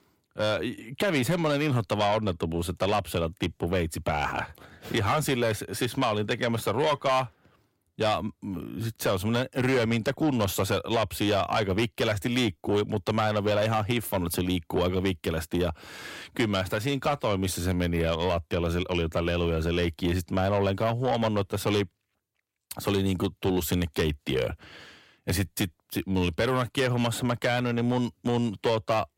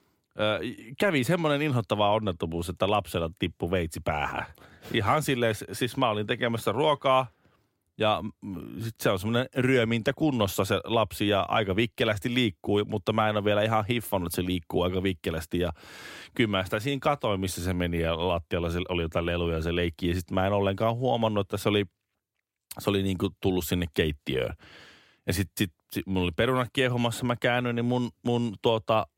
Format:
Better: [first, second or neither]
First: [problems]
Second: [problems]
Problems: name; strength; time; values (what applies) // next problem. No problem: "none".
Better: second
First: distortion; slight; 10 dB below the speech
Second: none